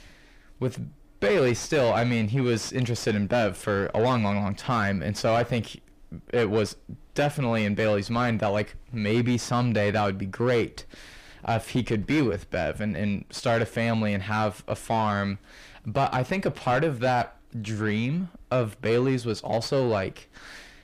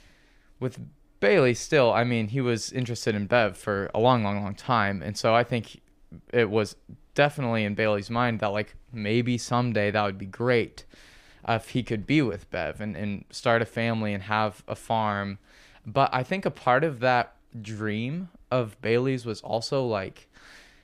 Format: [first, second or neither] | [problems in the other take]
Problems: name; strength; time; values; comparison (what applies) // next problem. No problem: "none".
second | distortion; heavy; 7 dB below the speech